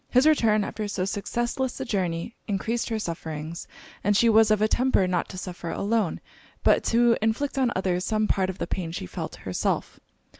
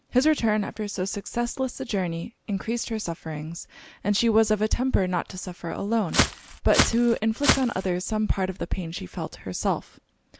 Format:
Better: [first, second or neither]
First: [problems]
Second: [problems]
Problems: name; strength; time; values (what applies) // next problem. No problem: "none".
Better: first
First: none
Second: background sound (Walk, footsteps); as loud as the speech